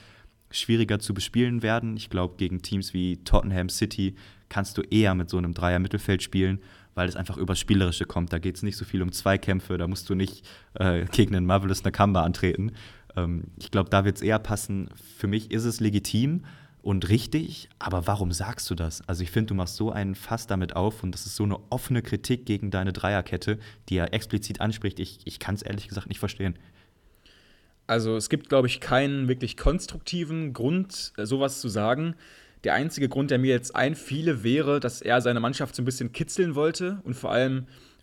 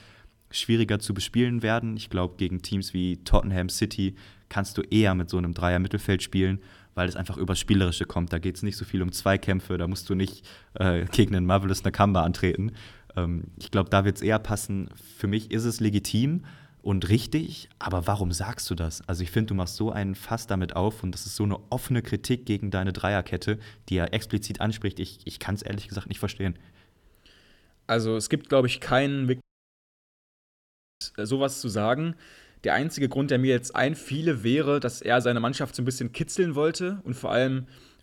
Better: first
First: none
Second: audio cutting out; at 29 s for 1.5 s

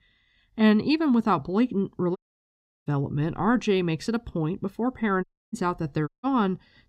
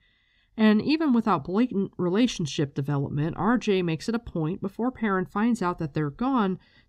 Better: second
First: audio cutting out; at 2 s for 0.5 s, at 5 s and at 6 s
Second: none

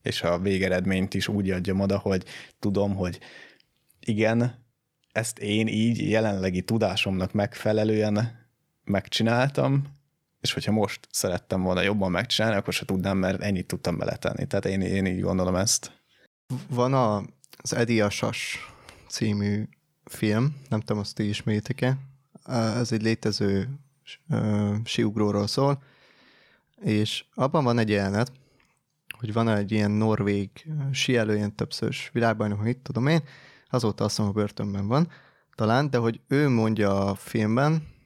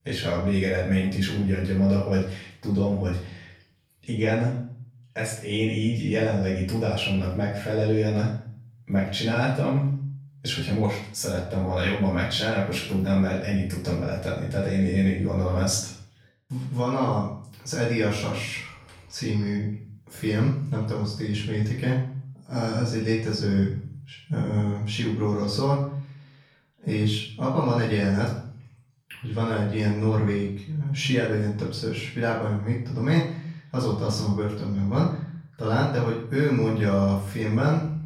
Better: first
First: none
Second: off-mic speech; far // room echo; noticeable; dies away in 0.5 s

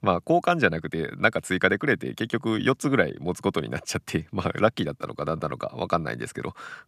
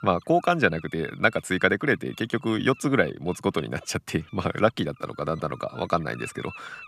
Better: first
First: none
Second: animal sounds; faint; throughout; 25 dB below the speech

